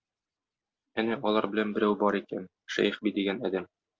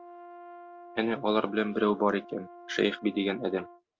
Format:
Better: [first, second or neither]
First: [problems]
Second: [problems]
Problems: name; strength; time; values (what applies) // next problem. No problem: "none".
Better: first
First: none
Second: background sound (Brass instrument); 18 dB below the speech